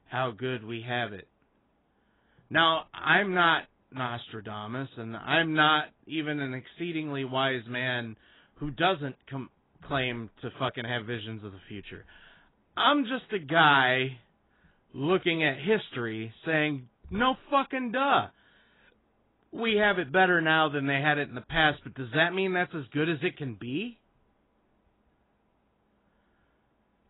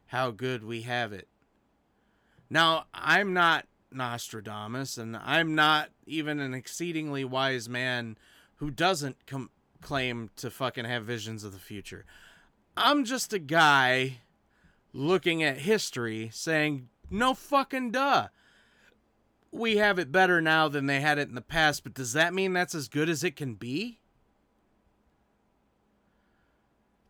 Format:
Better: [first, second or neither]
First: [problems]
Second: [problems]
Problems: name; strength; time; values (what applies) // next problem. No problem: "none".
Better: second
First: garbled, watery; badly; nothing above 4 kHz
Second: none